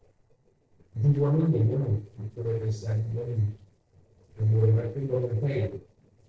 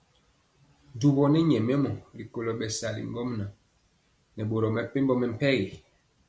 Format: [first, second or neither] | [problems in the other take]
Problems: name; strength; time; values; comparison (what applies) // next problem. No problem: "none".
second | noise reduction (neural separator model SepFormer DNS4)